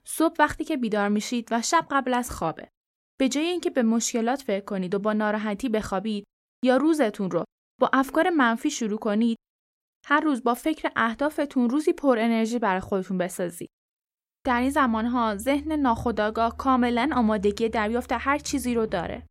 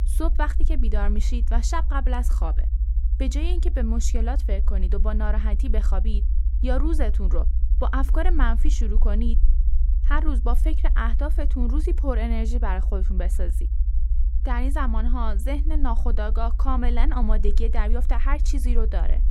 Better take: first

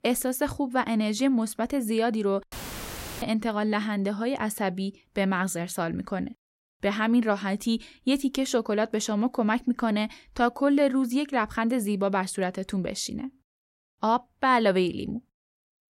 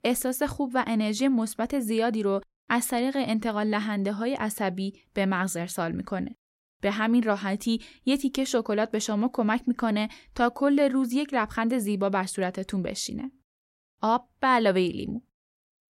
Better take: second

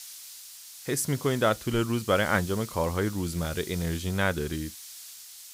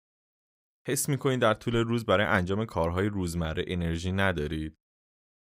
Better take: second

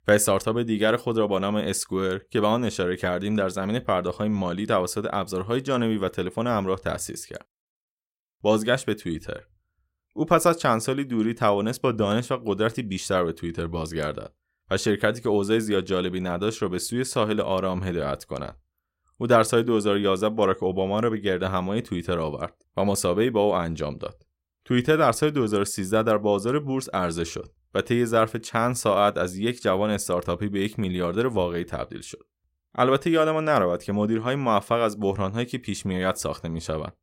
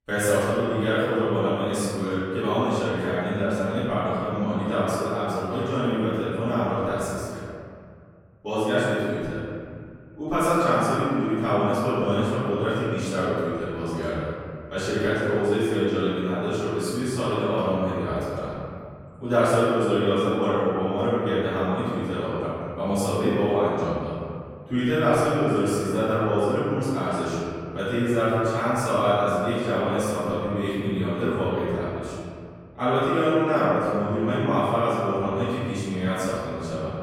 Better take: first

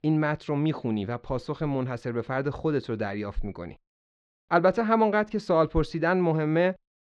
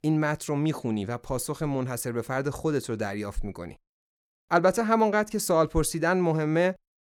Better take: second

